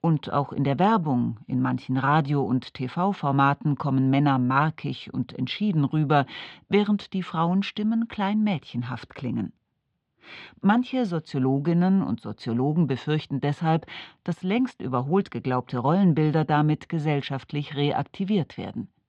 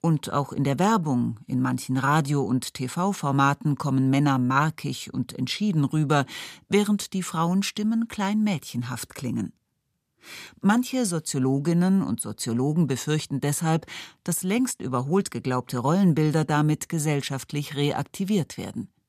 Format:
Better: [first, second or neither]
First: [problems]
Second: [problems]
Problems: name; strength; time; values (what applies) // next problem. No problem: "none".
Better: second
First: muffled; slightly; fading above 3.5 kHz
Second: none